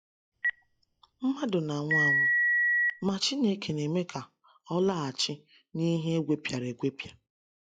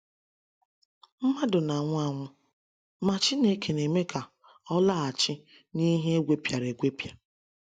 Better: second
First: noise reduction (classical method log-MMSE)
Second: none

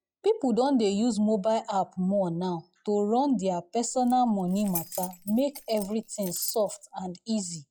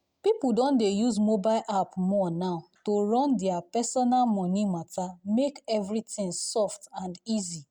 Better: second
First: noise reduction (classical method log-MMSE)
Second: none

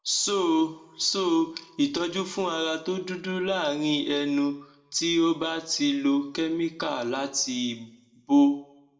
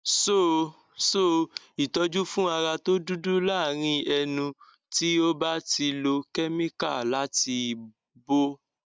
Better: second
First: room echo; dies away in 0.5 s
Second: none

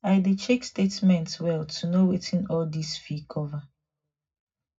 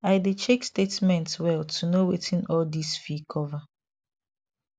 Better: second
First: room echo; dies away in 0.4 s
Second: none

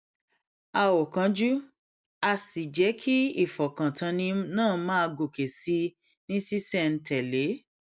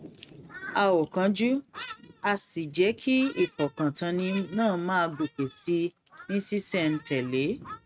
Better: first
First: none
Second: noise reduction (neural mask model RNNoise)

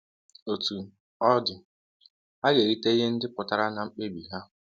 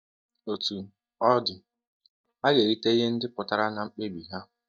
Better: first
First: none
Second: noise reduction (neural mask model DeepFilterNet 3)

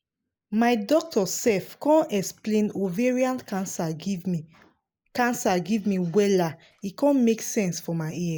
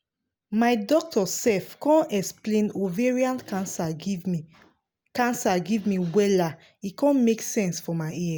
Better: second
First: noise reduction (neural mask model Resemble Enhance denoiser)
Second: none

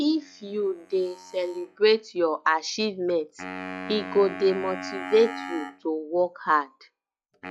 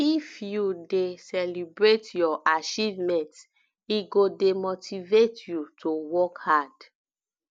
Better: second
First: noise reduction (classical method log-MMSE)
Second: none

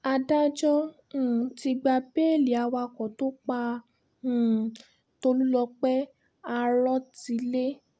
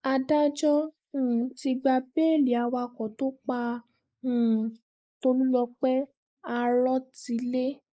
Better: first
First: none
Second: noise reduction (neural mask model Resemble Enhance denoiser)

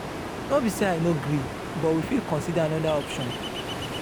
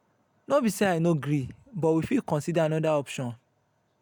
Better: second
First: background sound (Ocean); 6 dB below the speech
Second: none

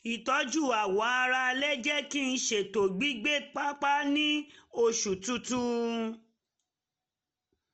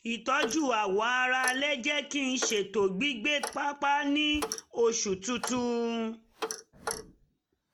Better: first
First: none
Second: background sound (Clock); 12 dB below the speech

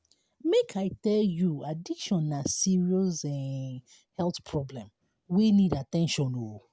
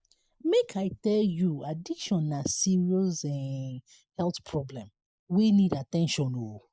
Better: first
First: none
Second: noise reduction (neural mask model Resemble Enhance denoiser)

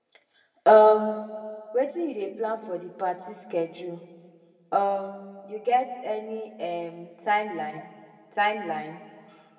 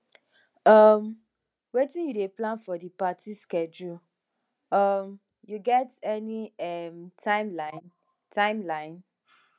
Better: second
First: room echo; dies away in 1.6 s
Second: none

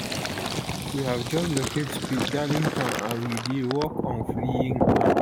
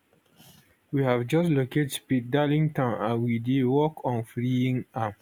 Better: second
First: background sound (Fill (with liquid)); 2 dB above the speech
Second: none

